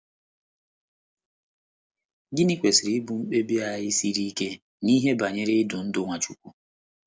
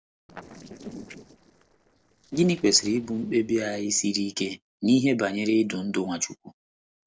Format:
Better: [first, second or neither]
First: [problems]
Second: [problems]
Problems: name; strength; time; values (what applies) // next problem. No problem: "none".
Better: first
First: none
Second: noise reduction (neural separator model SepFormer DNS4)